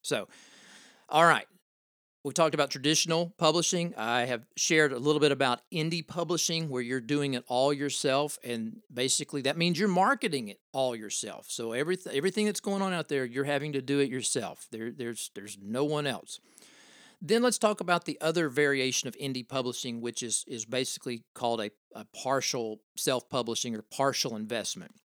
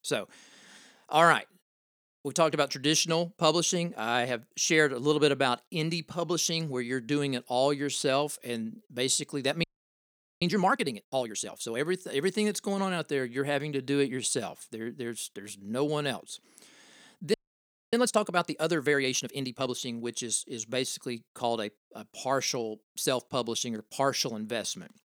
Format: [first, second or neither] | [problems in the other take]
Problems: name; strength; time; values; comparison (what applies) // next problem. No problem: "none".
first | audio freezing; at 9.5 s for 1 s and at 17 s for 0.5 s